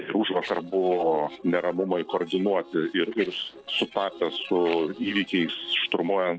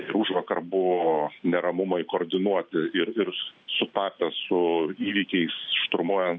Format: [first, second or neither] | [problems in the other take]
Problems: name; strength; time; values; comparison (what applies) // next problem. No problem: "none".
second | noise reduction (neural separator model SepFormer DNS4)